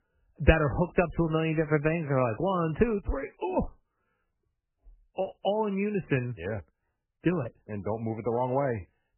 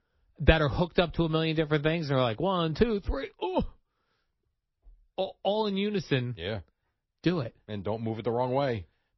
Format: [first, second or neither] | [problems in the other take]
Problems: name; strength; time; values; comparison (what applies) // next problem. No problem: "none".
second | garbled, watery; badly; nothing above 3 kHz; slightly in the second